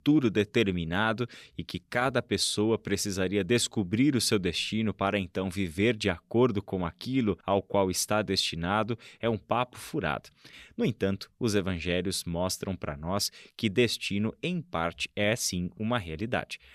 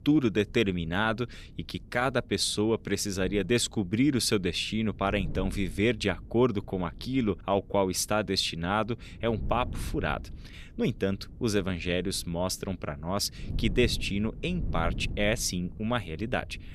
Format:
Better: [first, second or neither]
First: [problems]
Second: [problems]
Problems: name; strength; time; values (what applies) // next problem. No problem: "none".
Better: first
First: none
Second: wind noise on the microphone; occasional gusts; 25 dB below the speech